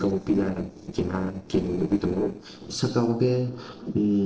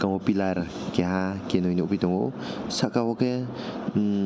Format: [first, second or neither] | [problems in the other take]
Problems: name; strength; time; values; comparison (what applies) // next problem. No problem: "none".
second | noise reduction (neural separator model SepFormer DNS4)